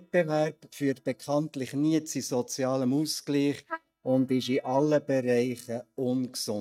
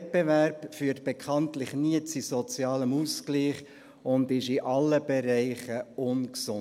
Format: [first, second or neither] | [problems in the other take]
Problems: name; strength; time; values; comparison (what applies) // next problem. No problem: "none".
second | noise reduction (neural mask model DeepFilterNet 3)